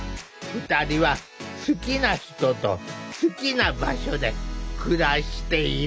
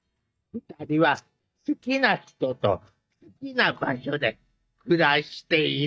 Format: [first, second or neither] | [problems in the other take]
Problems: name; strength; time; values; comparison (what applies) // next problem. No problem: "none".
first | noise reduction (neural mask model DeepFilterNet 3)